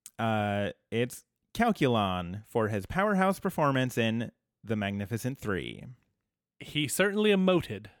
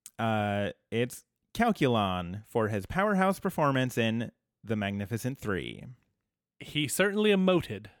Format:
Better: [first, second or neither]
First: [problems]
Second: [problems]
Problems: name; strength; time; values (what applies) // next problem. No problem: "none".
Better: neither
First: none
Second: none